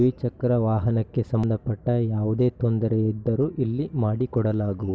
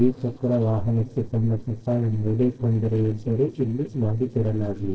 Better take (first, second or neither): first